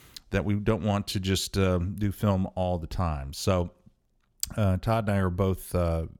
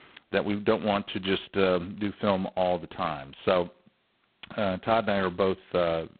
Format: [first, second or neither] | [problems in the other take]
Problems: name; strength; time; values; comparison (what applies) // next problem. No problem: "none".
first | phone-call audio; poor line; nothing above 4 kHz